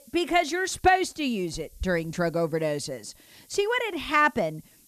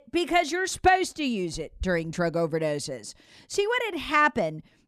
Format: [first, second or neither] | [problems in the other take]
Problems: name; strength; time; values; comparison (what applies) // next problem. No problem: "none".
second | hiss; faint; throughout; 30 dB below the speech